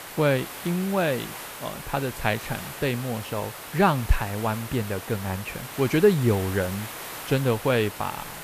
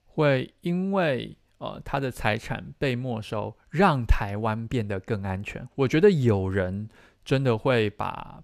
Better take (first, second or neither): second